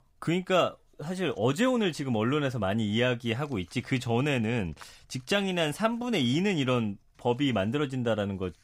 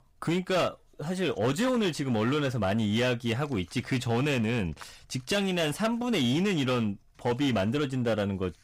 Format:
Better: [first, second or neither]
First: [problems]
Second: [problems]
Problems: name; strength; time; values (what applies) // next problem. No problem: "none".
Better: first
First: none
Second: distortion; slight; 11% of the sound clipped